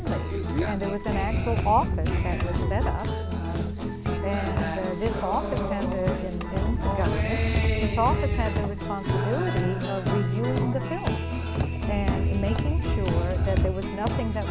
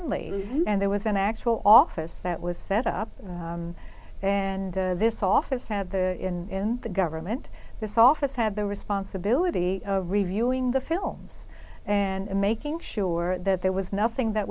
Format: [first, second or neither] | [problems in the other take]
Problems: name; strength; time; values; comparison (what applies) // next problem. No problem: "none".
second | background sound (Guitar + Wind); 4 dB above the speech